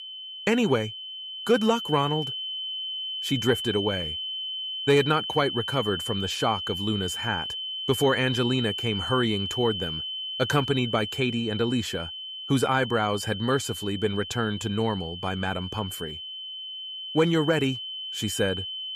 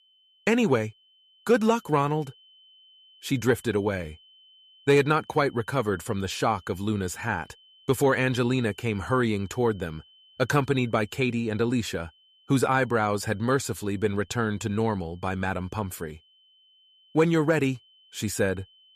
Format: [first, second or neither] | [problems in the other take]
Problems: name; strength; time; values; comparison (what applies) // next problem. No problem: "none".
second | high-pitched whine; loud; throughout; 3 kHz, 5 dB below the speech; faint in the second